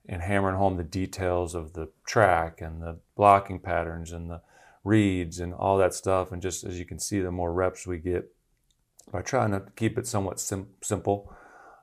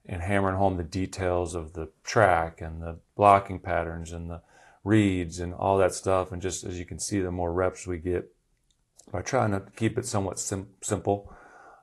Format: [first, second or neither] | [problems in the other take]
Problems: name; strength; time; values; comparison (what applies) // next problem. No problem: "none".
first | garbled, watery; slightly; nothing above 11.5 kHz